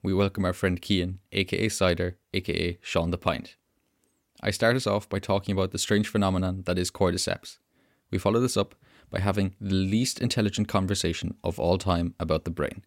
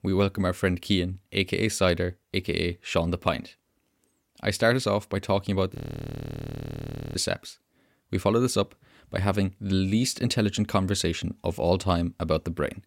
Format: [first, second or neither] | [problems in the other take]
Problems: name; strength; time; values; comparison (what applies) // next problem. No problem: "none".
first | audio freezing; at 6 s for 1.5 s